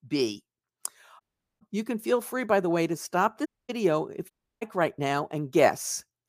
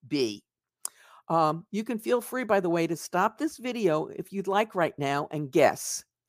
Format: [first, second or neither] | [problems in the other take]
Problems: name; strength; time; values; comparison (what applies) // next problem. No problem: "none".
second | audio cutting out; at 1 s, at 3.5 s and at 4.5 s